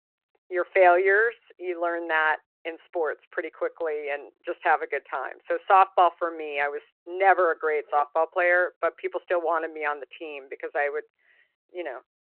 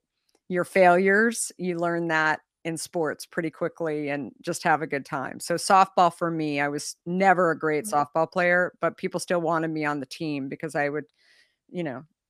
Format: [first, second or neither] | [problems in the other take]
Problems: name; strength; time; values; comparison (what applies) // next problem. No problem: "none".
second | phone-call audio